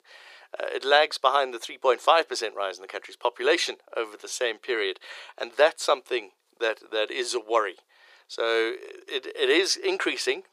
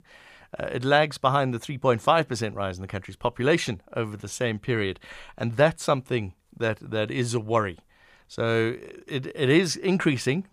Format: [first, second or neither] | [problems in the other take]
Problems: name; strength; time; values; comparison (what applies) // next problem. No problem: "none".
second | thin; very; fading below 400 Hz